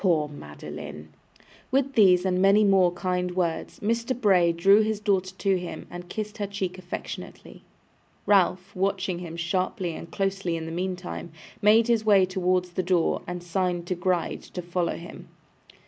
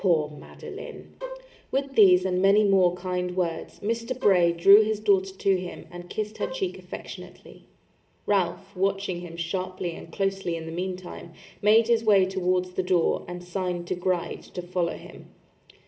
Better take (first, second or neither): first